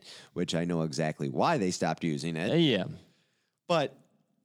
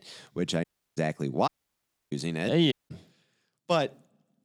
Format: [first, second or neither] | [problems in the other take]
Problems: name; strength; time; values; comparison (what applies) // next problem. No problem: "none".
first | audio cutting out; at 0.5 s, at 1.5 s for 0.5 s and at 2.5 s